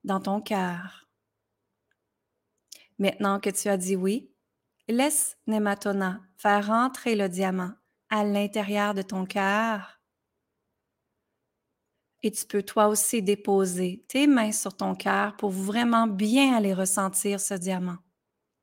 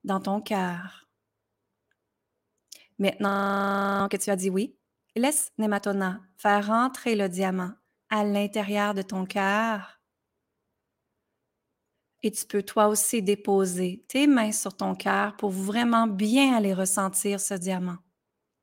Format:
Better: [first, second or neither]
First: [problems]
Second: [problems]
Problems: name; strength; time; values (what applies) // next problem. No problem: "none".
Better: first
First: none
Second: audio freezing; at 3.5 s for 0.5 s